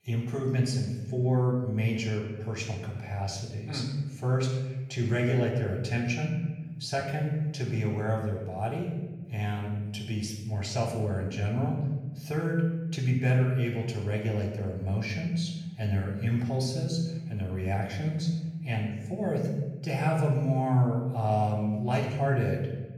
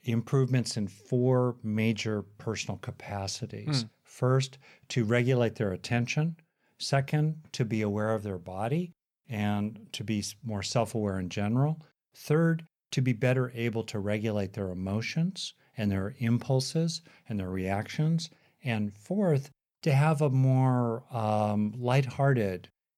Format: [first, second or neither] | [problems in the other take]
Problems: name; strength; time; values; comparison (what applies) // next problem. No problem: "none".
second | room echo; noticeable; dies away in 1 s // off-mic speech; far